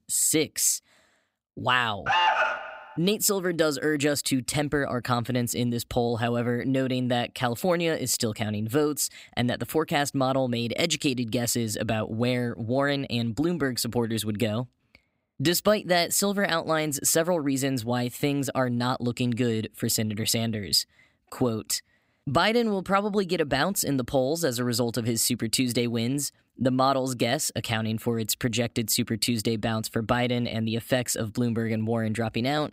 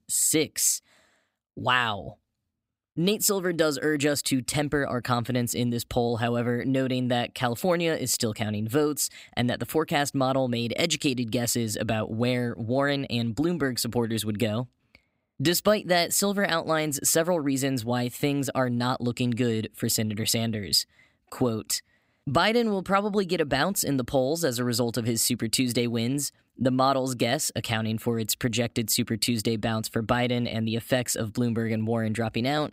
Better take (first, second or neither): second